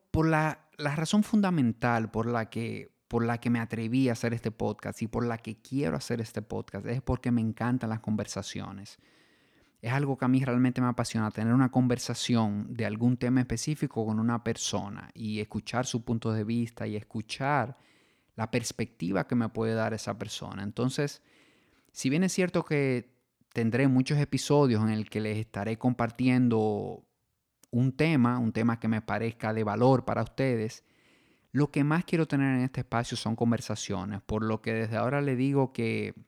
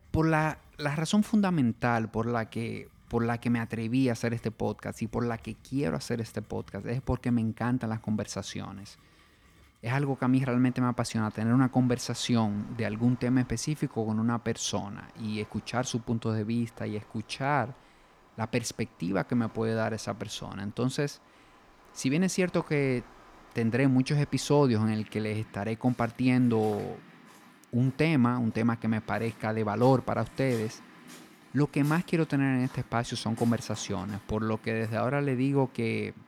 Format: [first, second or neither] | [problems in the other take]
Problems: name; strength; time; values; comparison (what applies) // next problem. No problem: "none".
first | rain or running water; faint; throughout; 25 dB below the speech